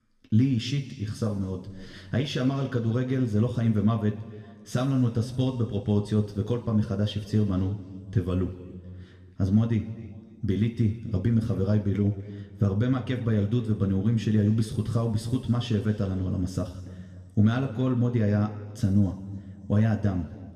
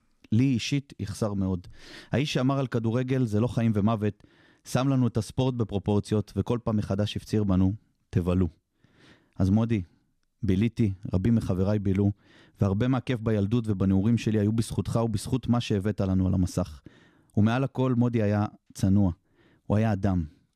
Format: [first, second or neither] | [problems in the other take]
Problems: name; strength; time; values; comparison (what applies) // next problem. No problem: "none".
second | room echo; slight; dies away in 1.6 s